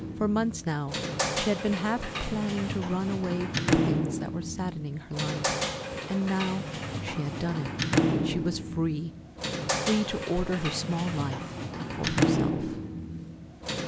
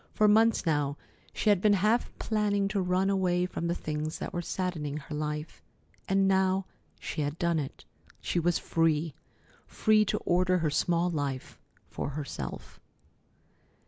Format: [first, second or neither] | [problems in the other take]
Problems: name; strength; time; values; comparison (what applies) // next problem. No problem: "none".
second | background sound (Sliding door / Slam); 1 dB above the speech